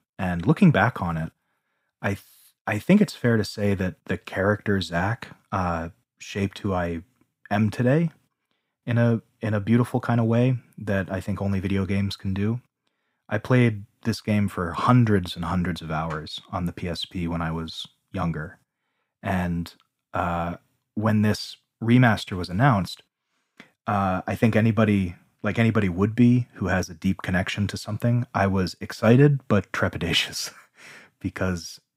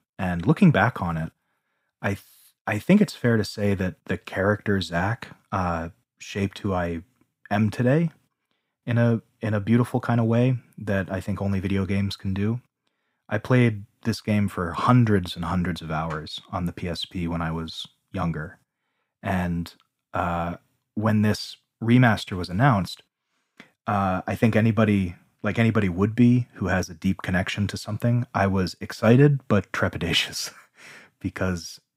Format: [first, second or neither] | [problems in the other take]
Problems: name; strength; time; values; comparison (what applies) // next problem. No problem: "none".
neither | none